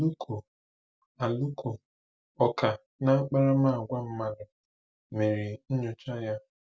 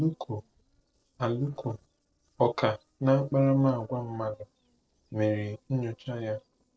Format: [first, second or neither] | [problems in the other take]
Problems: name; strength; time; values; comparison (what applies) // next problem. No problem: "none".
first | noise reduction (neural separator model SepFormer DNS4)